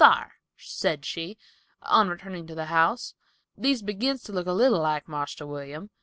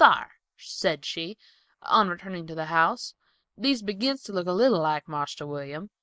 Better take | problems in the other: first | noise reduction (neural mask model Resemble Enhance denoiser)

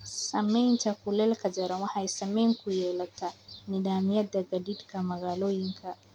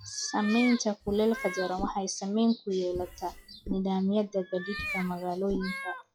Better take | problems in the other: first | noise reduction (classical method log-MMSE)

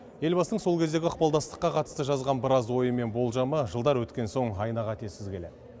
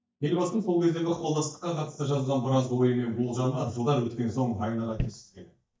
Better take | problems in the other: first | noise reduction (neural mask model DeepFilterNet 3)

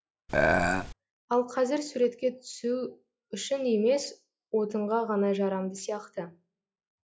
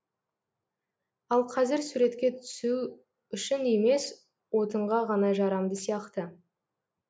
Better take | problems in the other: second | noise reduction (classical method log-MMSE)

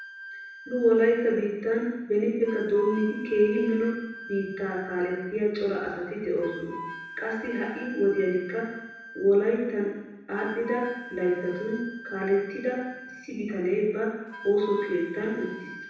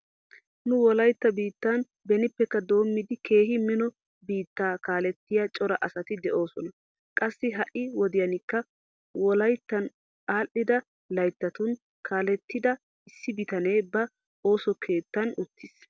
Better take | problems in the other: second | background sound (Wind instrument, woodwind instrument); 16 dB below the speech // room echo; dies away in 1.1 s

